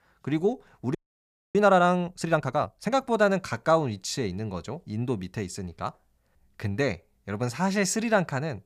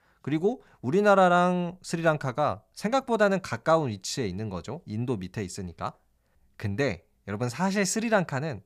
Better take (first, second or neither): second